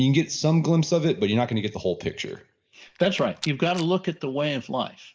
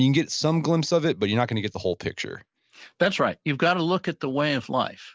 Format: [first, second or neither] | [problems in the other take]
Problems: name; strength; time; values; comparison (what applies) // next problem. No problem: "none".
second | noise reduction (neural mask model DeepFilterNet 3)